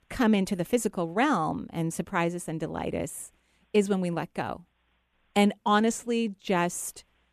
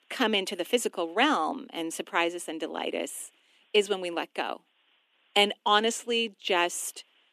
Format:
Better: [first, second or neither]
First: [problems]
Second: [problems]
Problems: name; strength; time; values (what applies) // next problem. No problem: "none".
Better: first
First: none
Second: thin; somewhat; fading below 250 Hz